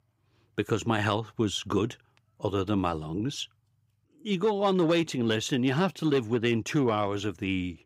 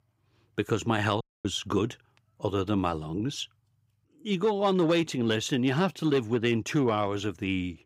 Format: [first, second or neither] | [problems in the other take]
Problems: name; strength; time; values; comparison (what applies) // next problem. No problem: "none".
first | audio cutting out; at 1 s